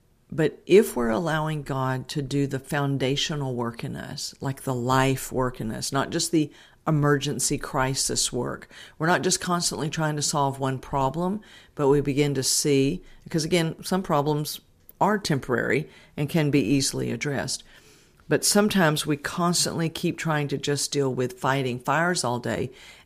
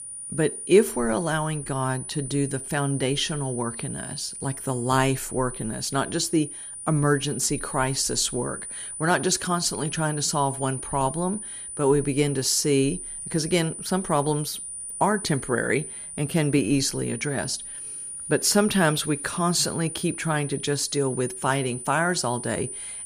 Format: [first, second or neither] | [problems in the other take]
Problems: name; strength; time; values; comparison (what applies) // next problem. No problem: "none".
first | high-pitched whine; loud; throughout; 9.5 kHz, 8 dB below the speech